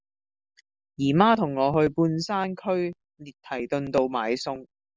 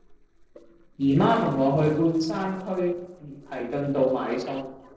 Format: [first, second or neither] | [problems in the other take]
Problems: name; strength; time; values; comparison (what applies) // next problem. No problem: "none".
first | noise reduction (neural separator model SepFormer DNS4)